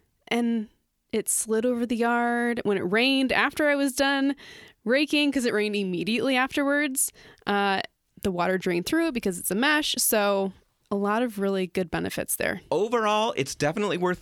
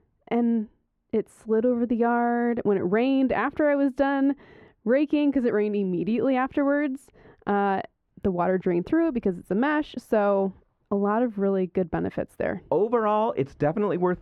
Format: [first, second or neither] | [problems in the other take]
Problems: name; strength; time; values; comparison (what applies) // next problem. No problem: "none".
first | muffled; very; fading above 3 kHz